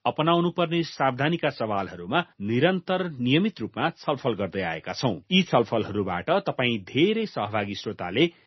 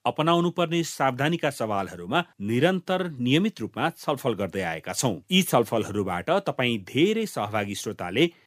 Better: second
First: garbled, watery; slightly; nothing above 6 kHz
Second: none

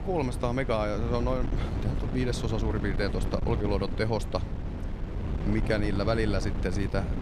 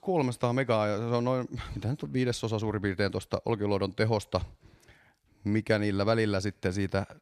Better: second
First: wind noise on the microphone; heavy; 9 dB below the speech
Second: none

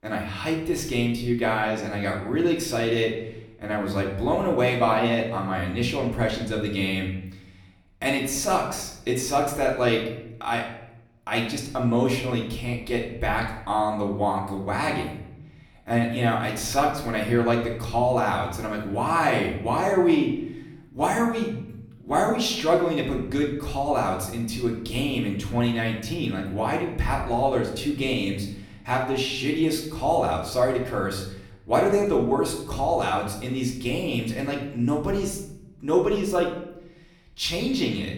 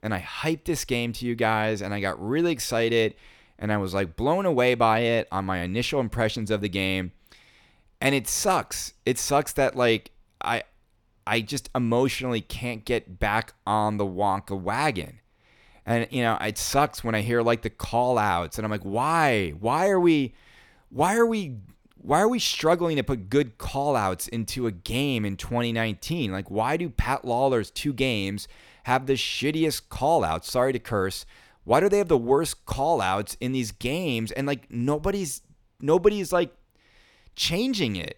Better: second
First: room echo; noticeable; dies away in 0.7 s // off-mic speech; far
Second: none

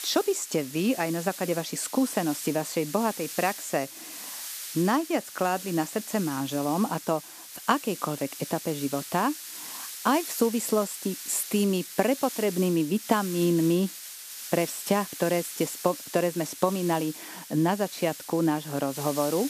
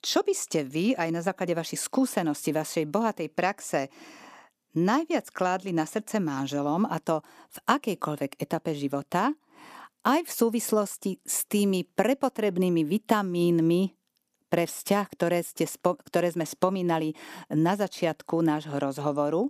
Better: second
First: hiss; loud; throughout; 10 dB below the speech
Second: none

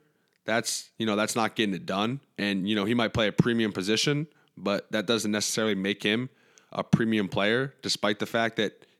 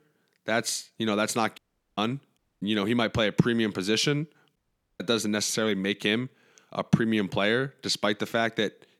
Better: first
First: none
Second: audio cutting out; at 1.5 s, at 2.5 s and at 4.5 s

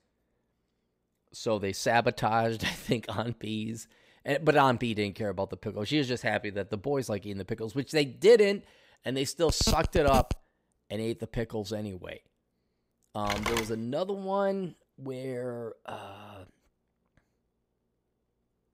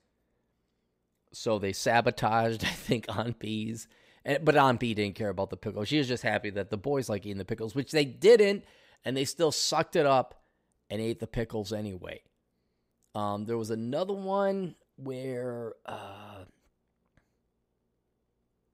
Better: second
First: phone ringing; noticeable; at 9.5 s and at 13 s; peak 2 dB below the speech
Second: none

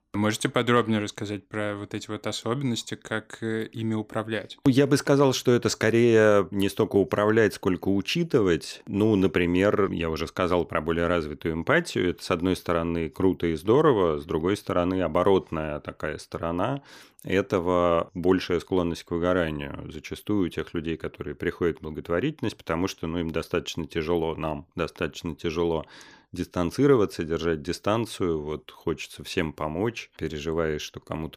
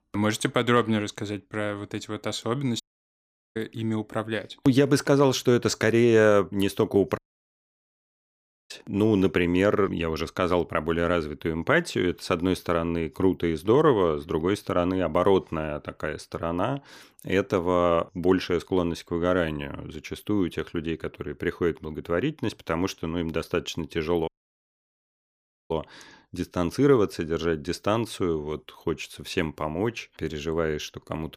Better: first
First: none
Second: audio cutting out; at 3 s for 1 s, at 7 s for 1.5 s and at 24 s for 1.5 s

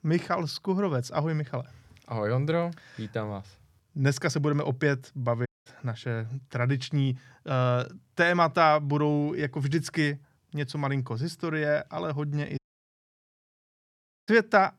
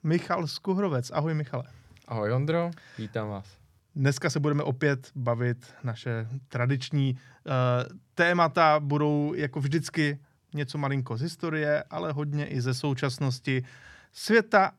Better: second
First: audio cutting out; at 5.5 s and at 13 s for 1.5 s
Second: none

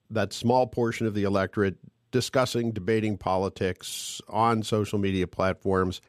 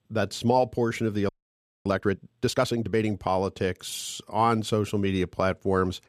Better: first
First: none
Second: audio freezing; at 1.5 s for 0.5 s

